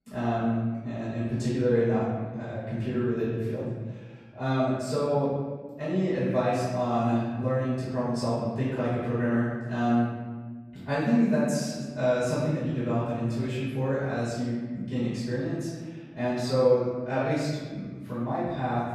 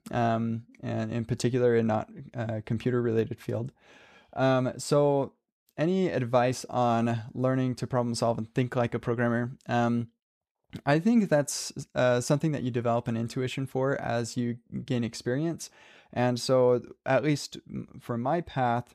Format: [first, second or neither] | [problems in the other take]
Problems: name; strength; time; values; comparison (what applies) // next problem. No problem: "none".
second | off-mic speech; far // room echo; strong; dies away in 1.3 s